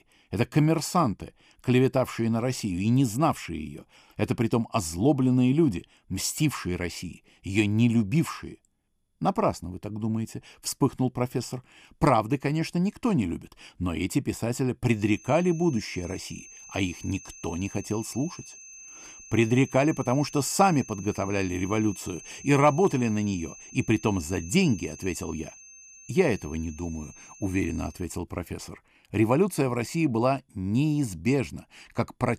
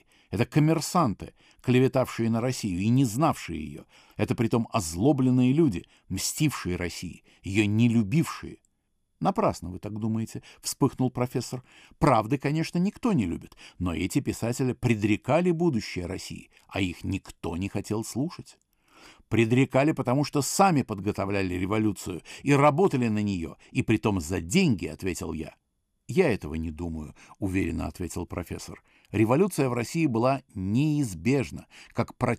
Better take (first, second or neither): second